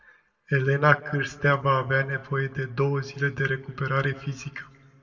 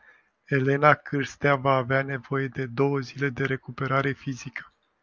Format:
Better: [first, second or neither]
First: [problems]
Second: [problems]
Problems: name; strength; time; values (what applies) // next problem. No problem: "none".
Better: second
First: room echo; dies away in 1.5 s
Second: none